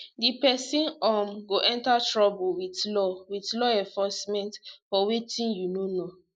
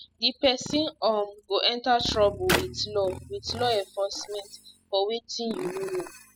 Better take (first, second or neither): first